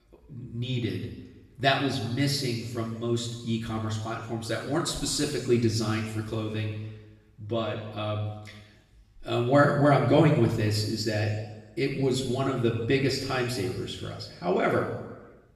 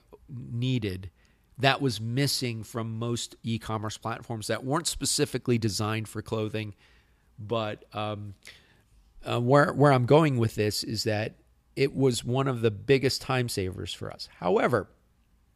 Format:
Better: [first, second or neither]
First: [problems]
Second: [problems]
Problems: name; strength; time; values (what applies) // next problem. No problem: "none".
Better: second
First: room echo; noticeable; dies away in 1.1 s // off-mic speech; far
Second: none